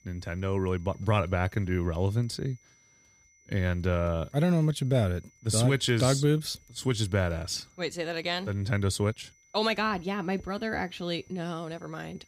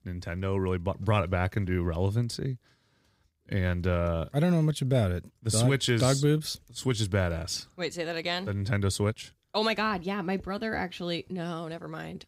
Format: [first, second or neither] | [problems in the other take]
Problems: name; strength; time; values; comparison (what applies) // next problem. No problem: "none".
second | high-pitched whine; faint; throughout; 6 kHz, 30 dB below the speech